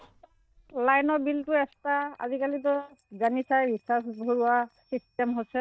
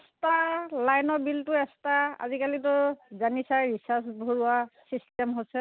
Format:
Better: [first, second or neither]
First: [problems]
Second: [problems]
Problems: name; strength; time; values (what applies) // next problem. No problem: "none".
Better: second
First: noise reduction (neural mask model DeepFilterNet 3)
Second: none